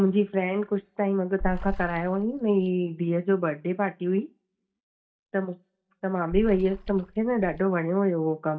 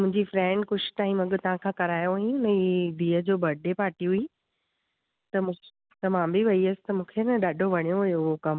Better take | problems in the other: second | noise reduction (neural mask model DeepFilterNet 3)

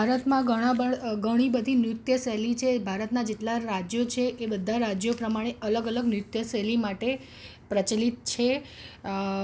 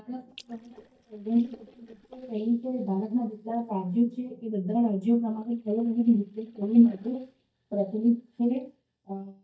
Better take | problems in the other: first | noise reduction (neural mask model DeepFilterNet 3)

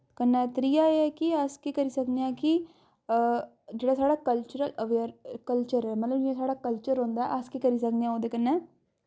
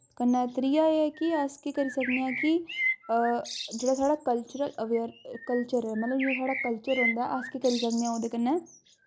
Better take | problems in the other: first | background sound (Bird); 9 dB below the speech

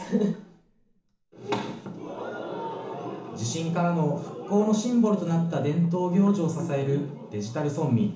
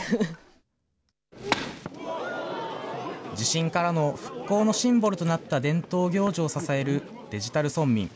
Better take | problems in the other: second | room echo; dies away in 0.8 s

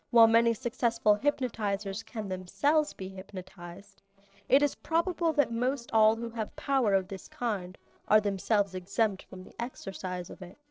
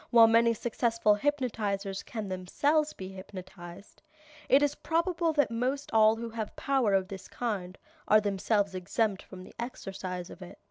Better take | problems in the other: second | noise reduction (neural separator model SepFormer DNS4)

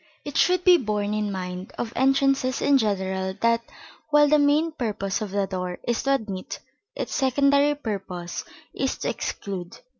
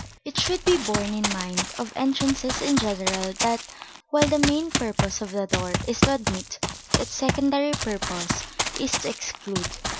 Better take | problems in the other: first | background sound (Run); 2 dB below the speech

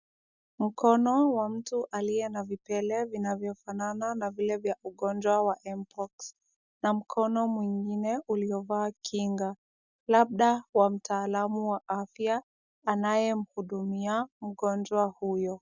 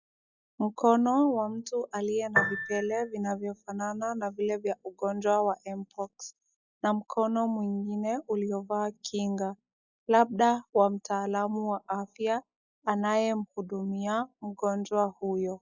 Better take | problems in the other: first | noise reduction (classical method log-MMSE)

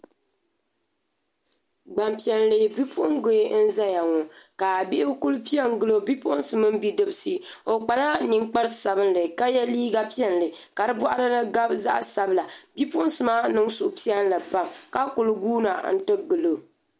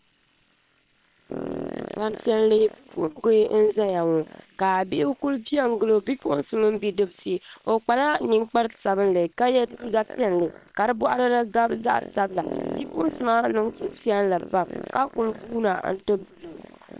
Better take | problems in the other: first | noise reduction (neural separator model SepFormer WHAM!)

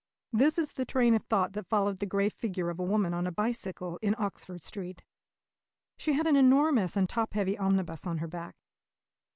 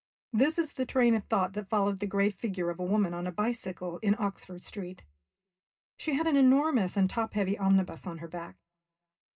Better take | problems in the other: first | room echo; dies away in 0.2 s

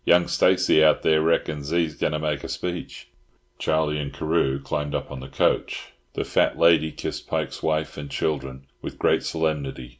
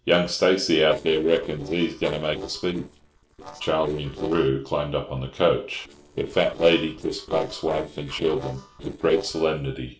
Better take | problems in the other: first | noise reduction (neural separator model SepFormer DNS4)

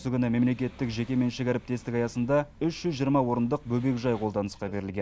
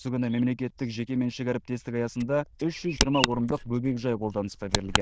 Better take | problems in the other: first | noise reduction (neural diffusion model UNIVERSE++)

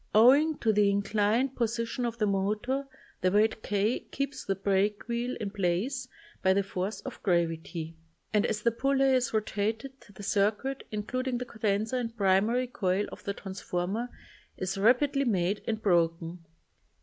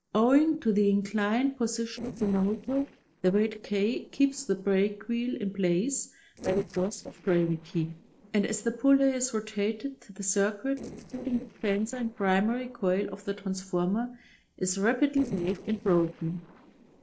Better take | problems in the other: first | noise reduction (neural separator model SepFormer DNS4)

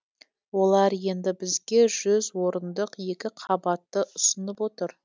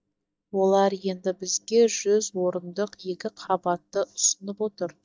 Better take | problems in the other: first | noise reduction (neural mask model DeepFilterNet 3)

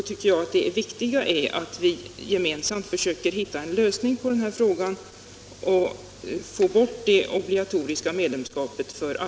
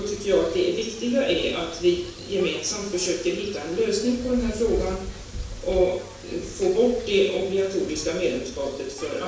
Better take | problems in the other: first | background sound (Wind); 14 dB below the speech // room echo; dies away in 0.7 s

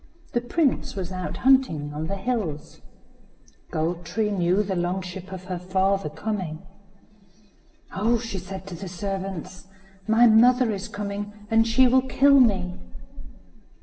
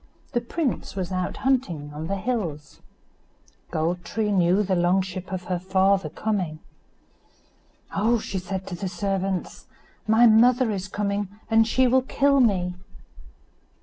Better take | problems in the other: second | room echo; dies away in 1.3 s

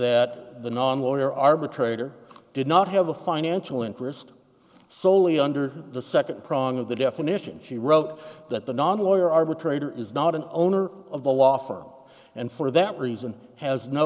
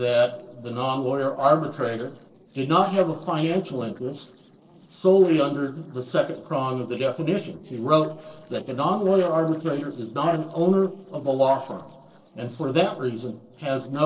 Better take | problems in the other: first | noise reduction (neural separator model SepFormer DNS4)

